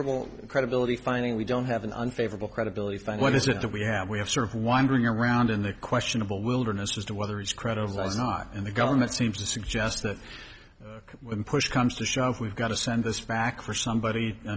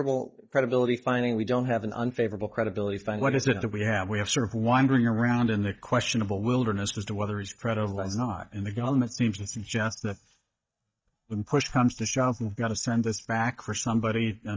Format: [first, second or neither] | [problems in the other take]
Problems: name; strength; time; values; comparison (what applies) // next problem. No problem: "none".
first | noise reduction (neural mask model DeepFilterNet 3)